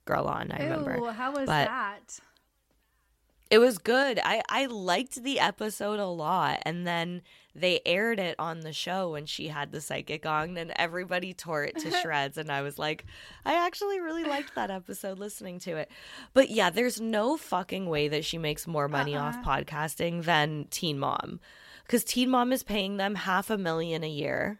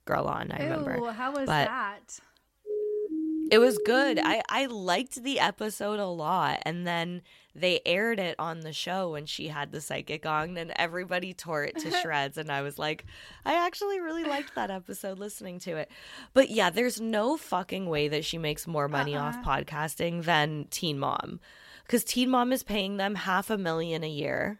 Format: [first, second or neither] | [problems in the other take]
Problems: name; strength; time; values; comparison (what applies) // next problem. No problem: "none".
first | siren; noticeable; from 2.5 to 4.5 s; peak 2 dB below the speech